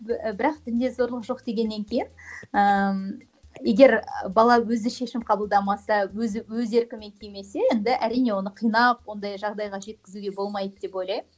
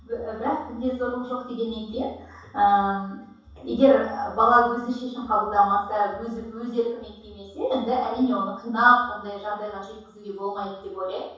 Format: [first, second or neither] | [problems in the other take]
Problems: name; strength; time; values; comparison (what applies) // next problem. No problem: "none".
first | room echo; dies away in 0.7 s